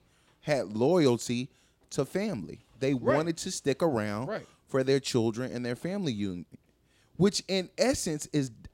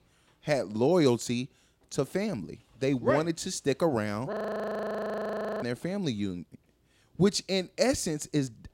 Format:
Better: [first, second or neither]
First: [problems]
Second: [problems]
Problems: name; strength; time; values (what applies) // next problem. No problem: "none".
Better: first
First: none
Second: audio freezing; at 4.5 s for 1.5 s